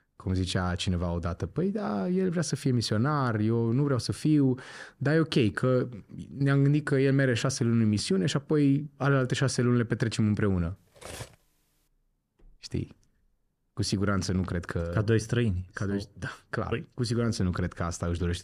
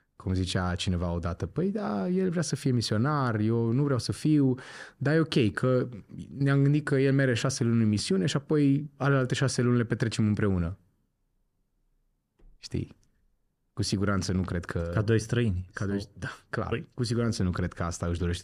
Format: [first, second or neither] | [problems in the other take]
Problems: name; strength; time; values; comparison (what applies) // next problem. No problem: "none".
second | clattering dishes; faint; at 11 s; peak 15 dB below the speech